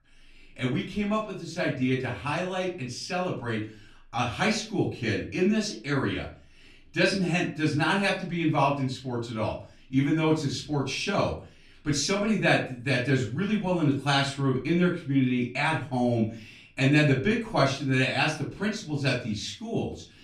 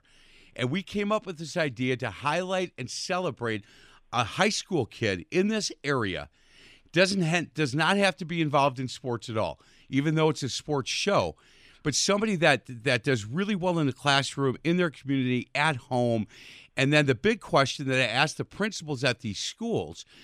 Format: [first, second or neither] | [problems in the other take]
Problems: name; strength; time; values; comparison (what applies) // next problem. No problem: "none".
second | off-mic speech; far // room echo; slight; dies away in 0.3 s